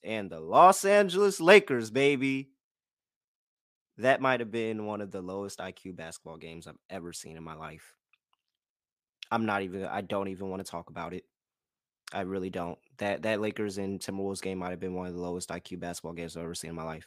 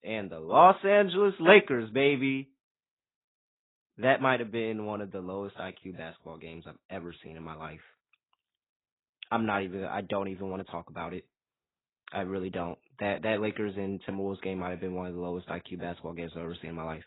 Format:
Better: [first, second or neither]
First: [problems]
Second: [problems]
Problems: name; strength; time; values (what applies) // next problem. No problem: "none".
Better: first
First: none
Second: garbled, watery; badly; nothing above 4 kHz